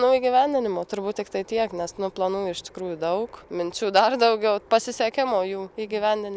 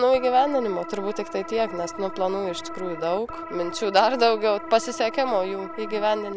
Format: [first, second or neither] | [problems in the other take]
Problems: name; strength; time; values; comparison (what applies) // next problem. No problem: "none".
first | background sound (Organ); 11 dB below the speech